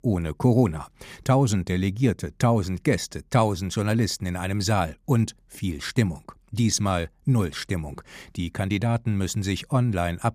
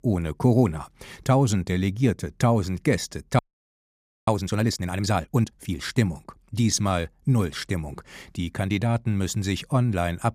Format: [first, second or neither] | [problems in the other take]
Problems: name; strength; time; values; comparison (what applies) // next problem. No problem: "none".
first | audio freezing; at 3.5 s for 1 s